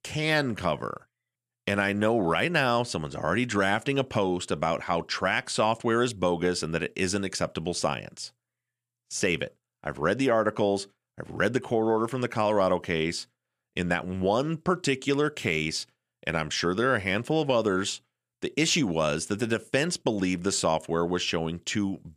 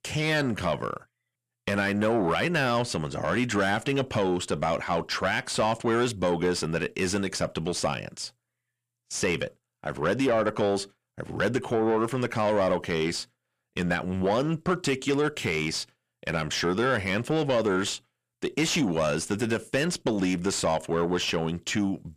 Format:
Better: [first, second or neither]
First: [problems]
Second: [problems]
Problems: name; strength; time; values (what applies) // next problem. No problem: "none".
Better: first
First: none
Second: distortion; slight; 10 dB below the speech